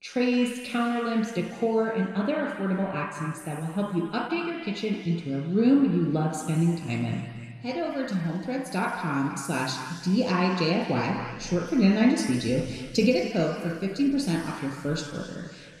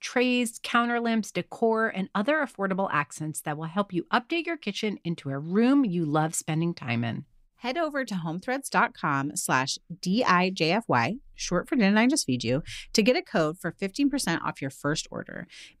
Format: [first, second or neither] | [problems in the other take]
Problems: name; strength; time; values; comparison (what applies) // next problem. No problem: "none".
second | room echo; strong; dies away in 2 s // off-mic speech; far